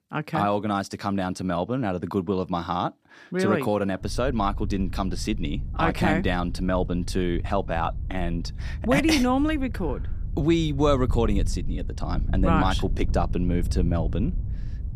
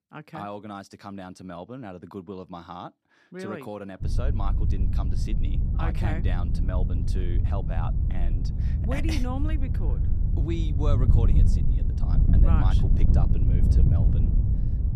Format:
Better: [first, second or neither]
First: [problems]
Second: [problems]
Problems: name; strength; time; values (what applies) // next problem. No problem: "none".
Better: first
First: wind noise on the microphone; occasional gusts; from 4 s on; 20 dB below the speech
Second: wind noise on the microphone; heavy; from 4 s on; 2 dB below the speech